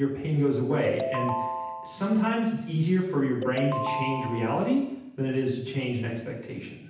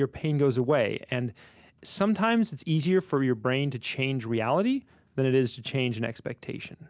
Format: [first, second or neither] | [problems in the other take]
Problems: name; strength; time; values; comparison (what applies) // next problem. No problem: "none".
second | background sound (Ringtone); 5 dB below the speech // room echo; dies away in 0.9 s